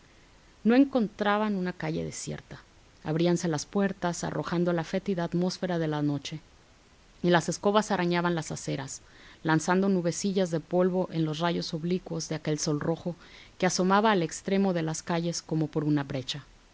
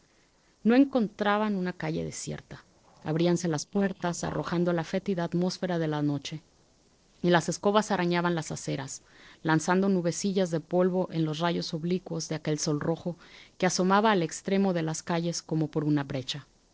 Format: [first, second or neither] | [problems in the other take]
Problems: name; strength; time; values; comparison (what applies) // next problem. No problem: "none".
first | noise reduction (neural separator model SepFormer DNS4)